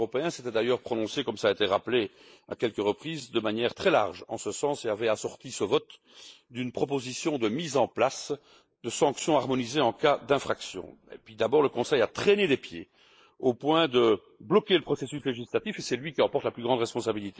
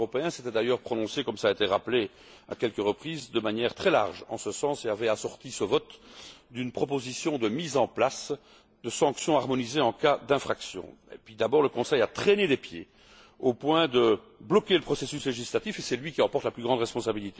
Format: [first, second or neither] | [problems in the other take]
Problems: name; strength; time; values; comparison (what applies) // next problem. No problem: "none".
second | noise reduction (neural mask model Resemble Enhance denoiser)